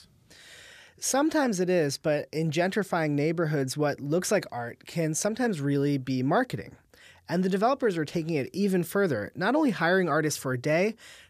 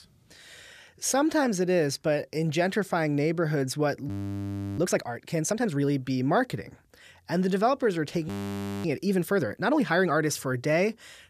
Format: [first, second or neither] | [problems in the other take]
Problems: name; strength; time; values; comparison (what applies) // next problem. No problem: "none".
first | audio freezing; at 4 s for 0.5 s and at 8.5 s for 0.5 s